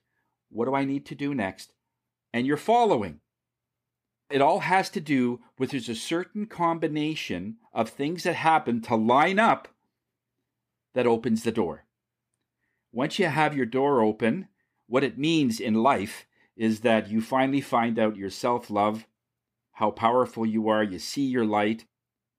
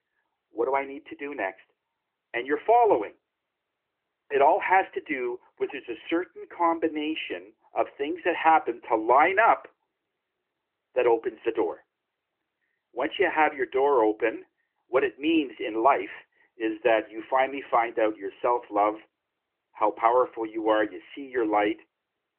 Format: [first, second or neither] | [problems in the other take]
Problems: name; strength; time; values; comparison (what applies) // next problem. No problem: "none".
first | phone-call audio; nothing above 3 kHz